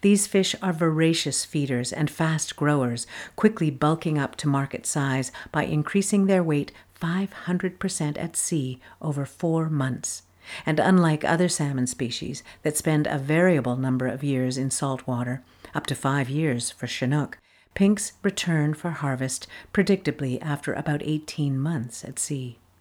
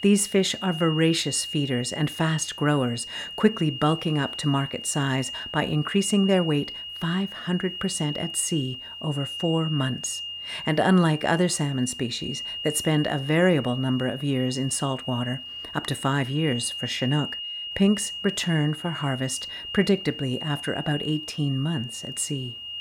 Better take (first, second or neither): first